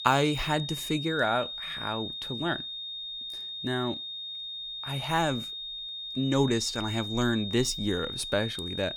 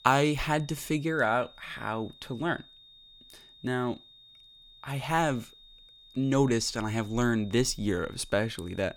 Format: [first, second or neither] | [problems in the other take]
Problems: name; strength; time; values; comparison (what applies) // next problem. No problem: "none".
second | high-pitched whine; loud; throughout; 3.5 kHz, 5 dB below the speech; faint in the second